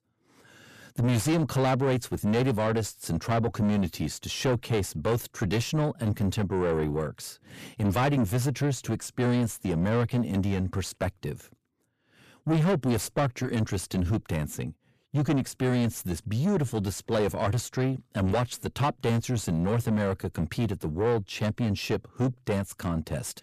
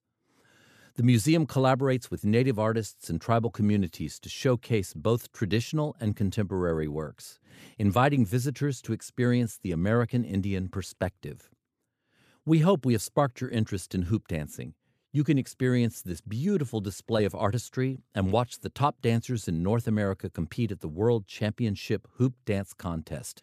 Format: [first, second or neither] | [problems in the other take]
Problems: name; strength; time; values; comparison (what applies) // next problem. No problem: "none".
second | distortion; heavy; 6 dB below the speech